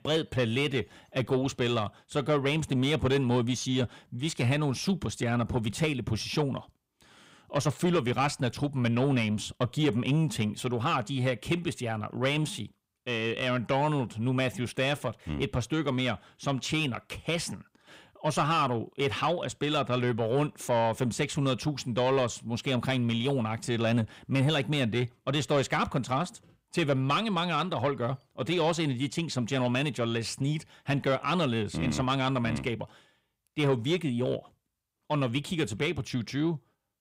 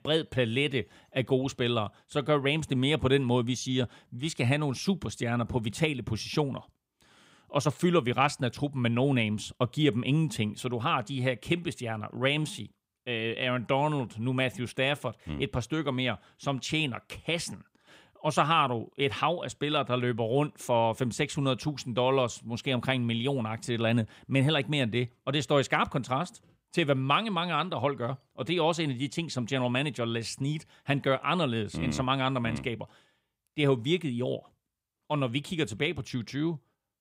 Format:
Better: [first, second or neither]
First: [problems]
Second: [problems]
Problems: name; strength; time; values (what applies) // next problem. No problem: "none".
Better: second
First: distortion; slight; 10 dB below the speech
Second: none